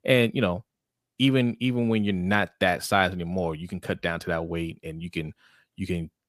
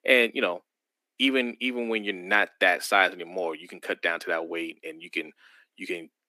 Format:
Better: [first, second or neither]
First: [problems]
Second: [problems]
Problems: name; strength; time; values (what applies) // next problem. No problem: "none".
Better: first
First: none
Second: thin; somewhat; fading below 250 Hz